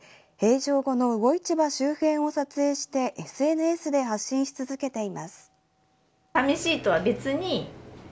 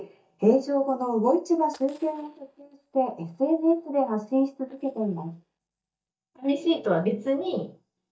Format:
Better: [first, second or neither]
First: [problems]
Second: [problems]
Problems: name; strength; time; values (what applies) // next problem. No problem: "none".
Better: first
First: none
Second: noise reduction (neural mask model DeepFilterNet 3)